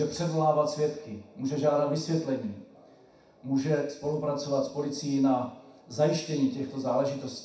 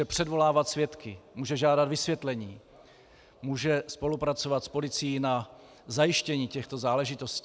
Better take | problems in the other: second | room echo; dies away in 0.7 s

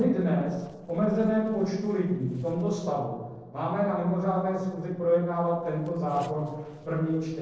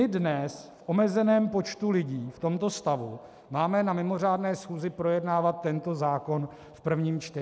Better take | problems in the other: second | noise reduction (neural separator model SepFormer DNS4)

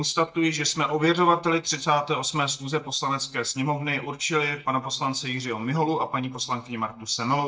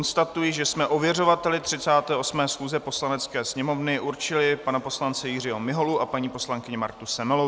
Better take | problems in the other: second | noise reduction (neural mask model DeepFilterNet 3)

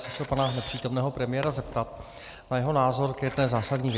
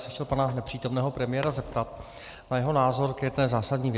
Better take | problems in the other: second | background sound (Camera); 17 dB below the speech

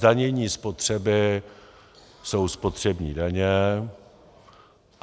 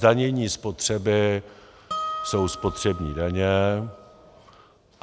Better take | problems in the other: first | background sound (Harp); 11 dB below the speech

